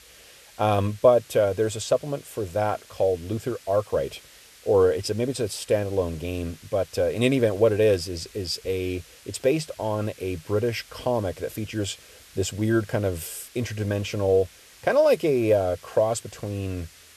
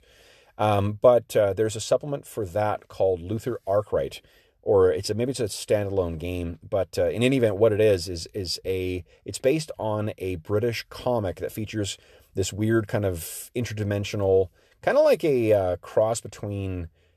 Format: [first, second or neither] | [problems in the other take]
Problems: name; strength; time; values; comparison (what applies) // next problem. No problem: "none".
second | hiss; faint; throughout; 25 dB below the speech